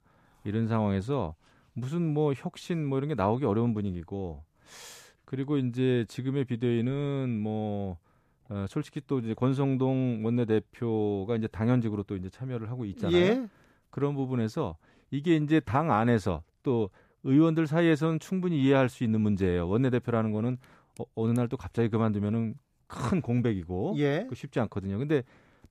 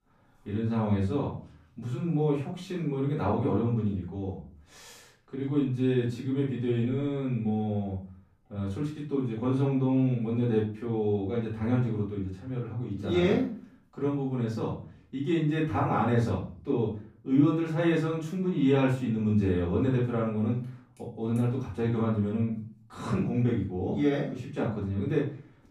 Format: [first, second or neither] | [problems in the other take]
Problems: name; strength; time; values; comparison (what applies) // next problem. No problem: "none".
first | off-mic speech; far // room echo; slight; dies away in 0.4 s